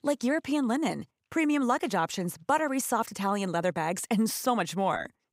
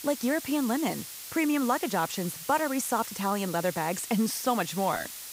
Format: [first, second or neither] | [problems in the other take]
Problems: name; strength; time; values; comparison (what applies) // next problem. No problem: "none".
first | hiss; loud; throughout; 10 dB below the speech